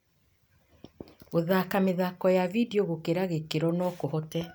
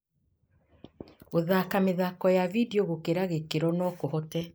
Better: first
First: none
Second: noise reduction (neural mask model Resemble Enhance denoiser)

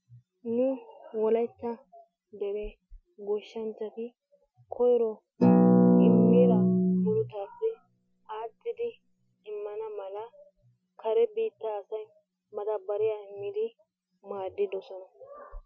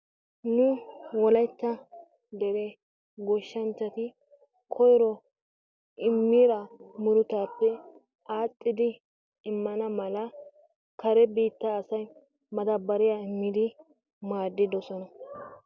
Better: second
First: noise reduction (classical method Wiener filter)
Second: none

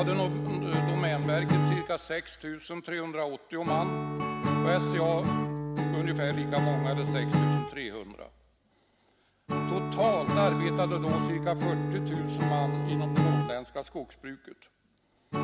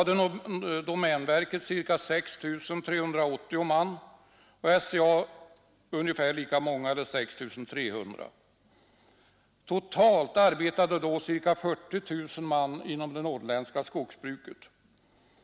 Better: second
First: background sound (Acoustic guitar / Strum); 4 dB above the speech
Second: none

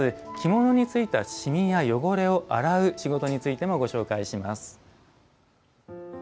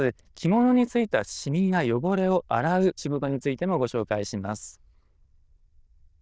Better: first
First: none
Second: noise reduction (neural diffusion model UNIVERSE++)

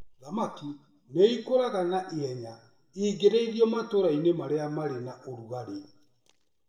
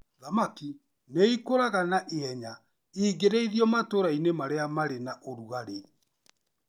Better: second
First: room echo; dies away in 0.6 s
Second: none

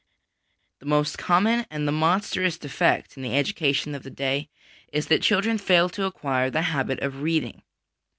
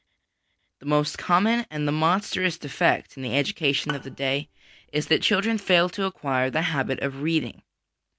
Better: first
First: none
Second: background sound (Bowed string instrument); 16 dB below the speech

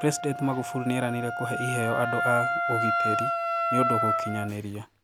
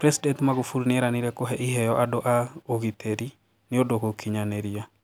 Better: second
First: background sound (Wind instrument, woodwind instrument); 1 dB above the speech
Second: none

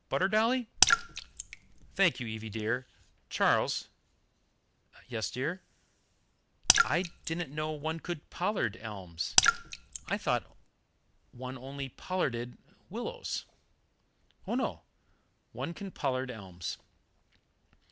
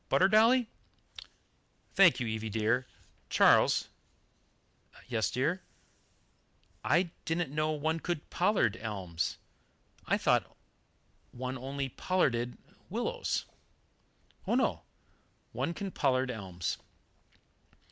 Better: second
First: background sound (Raindrop / Splash, splatter); 4 dB above the speech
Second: none

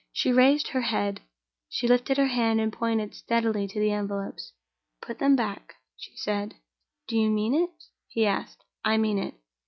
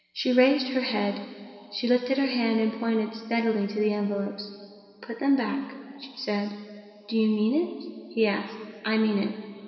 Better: first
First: none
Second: room echo; dies away in 2.5 s

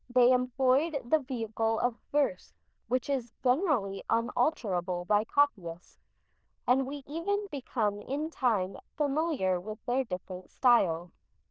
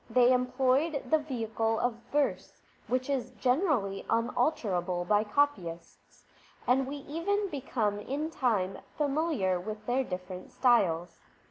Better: second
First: noise reduction (neural diffusion model UNIVERSE++)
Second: none

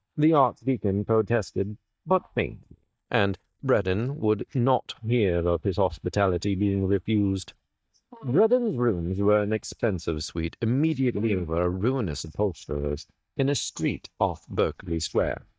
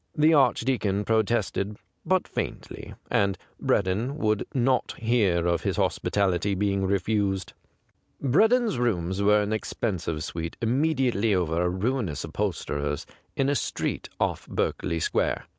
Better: second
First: noise reduction (neural mask model DeepFilterNet 3)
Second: none

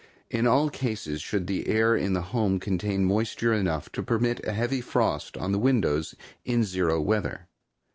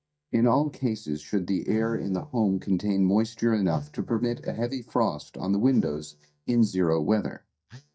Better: first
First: none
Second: noise reduction (neural mask model DeepFilterNet 3)

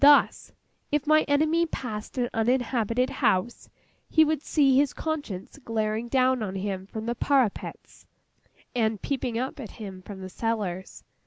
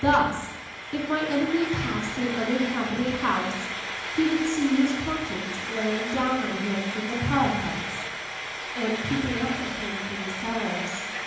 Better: first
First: none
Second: background sound (Frying (food)); 6 dB below the speech // room echo; dies away in 1 s

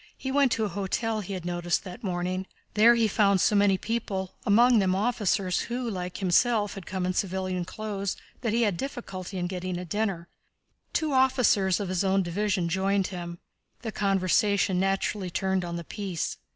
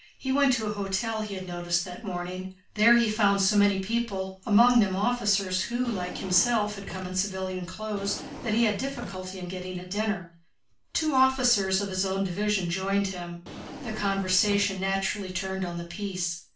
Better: first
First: none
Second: background sound (Drawer open or close); 15 dB below the speech // room echo; dies away in 0.3 s

